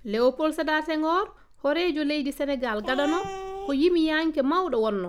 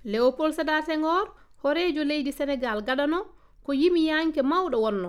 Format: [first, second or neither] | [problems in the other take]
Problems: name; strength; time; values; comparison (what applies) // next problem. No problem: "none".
second | background sound (Cat); 10 dB below the speech